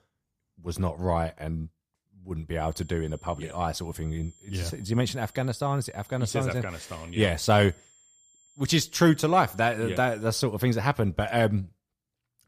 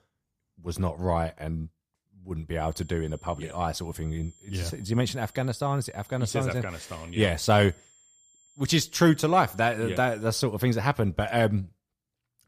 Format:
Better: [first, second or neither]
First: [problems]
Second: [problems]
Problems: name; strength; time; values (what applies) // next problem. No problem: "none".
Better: neither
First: high-pitched whine; faint; from 2.5 to 10 s; 7.5 kHz, 30 dB below the speech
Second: high-pitched whine; faint; from 2.5 to 10 s; 7.5 kHz, 30 dB below the speech